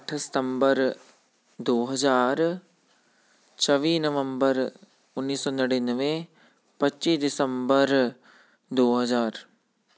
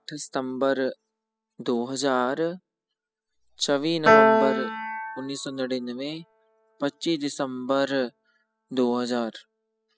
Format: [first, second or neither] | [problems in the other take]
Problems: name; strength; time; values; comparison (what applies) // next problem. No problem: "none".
first | noise reduction (classical method spectral subtraction)